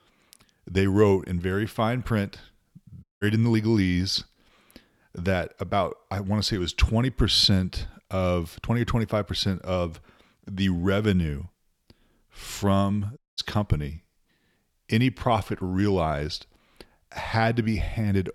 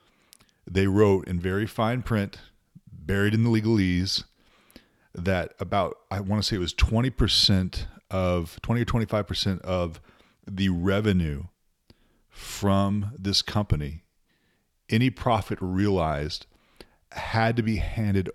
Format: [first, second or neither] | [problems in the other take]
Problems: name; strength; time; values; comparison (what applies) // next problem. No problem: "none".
second | audio cutting out; at 3 s and at 13 s